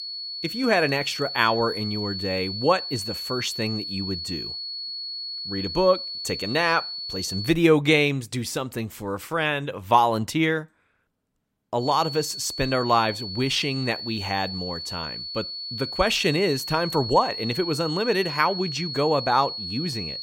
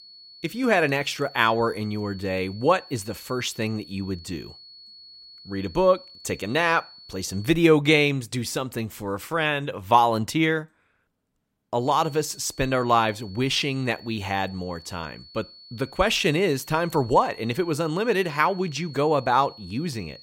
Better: second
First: high-pitched whine; loud; until 7.5 s and from 12 s on; 4.5 kHz, 6 dB below the speech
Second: high-pitched whine; faint; until 7.5 s and from 12 s on; 4.5 kHz, 20 dB below the speech

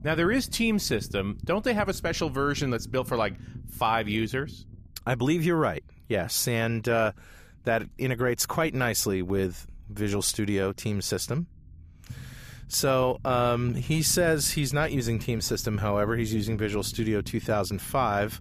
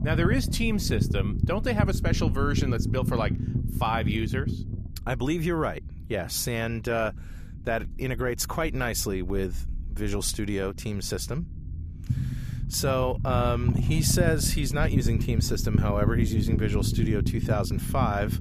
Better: first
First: low rumble; faint; throughout; 25 dB below the speech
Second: low rumble; loud; throughout; 8 dB below the speech

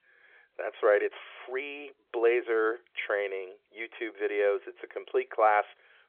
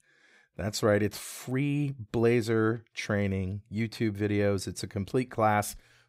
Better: second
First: phone-call audio; nothing above 3.5 kHz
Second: none

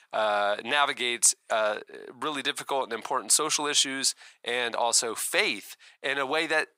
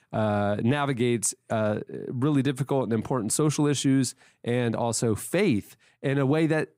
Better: second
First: thin; very; fading below 850 Hz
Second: none

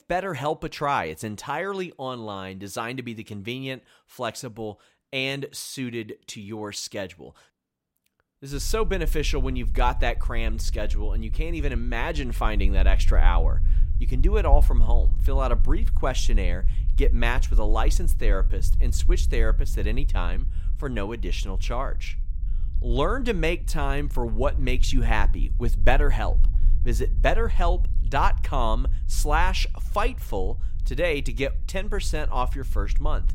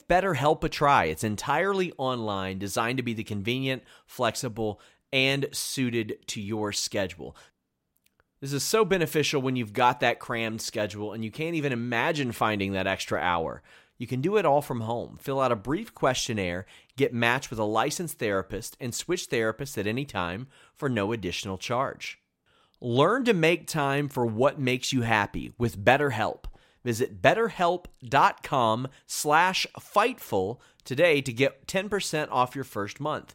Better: second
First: low rumble; faint; from 8.5 s on; 20 dB below the speech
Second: none

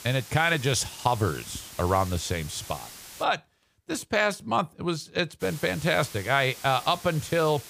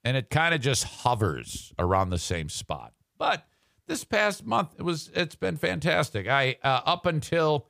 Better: second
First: hiss; noticeable; until 3 s and from 5.5 s on; 15 dB below the speech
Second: none

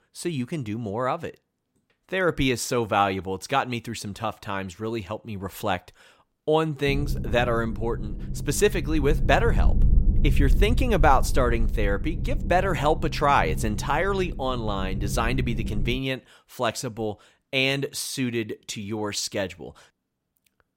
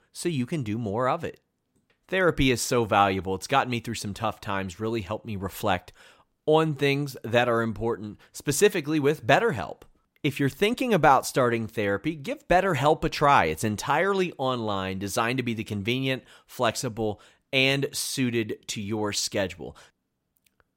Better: second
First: low rumble; noticeable; from 7 to 16 s; 15 dB below the speech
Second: none

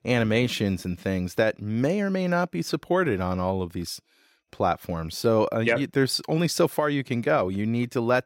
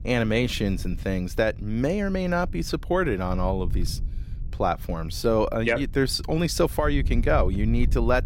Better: first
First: none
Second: low rumble; faint; throughout; 25 dB below the speech

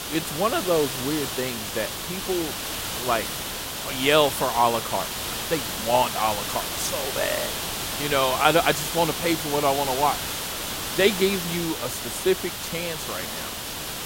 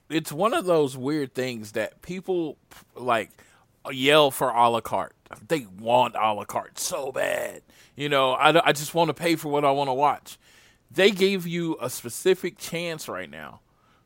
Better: second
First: hiss; loud; throughout; 3 dB below the speech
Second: none

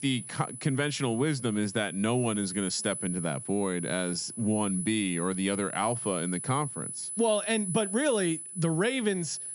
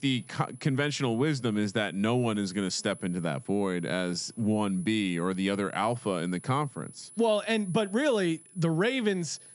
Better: second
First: high-pitched whine; loud; throughout; 10 kHz, 6 dB below the speech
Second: high-pitched whine; faint; throughout; 10 kHz, 20 dB below the speech

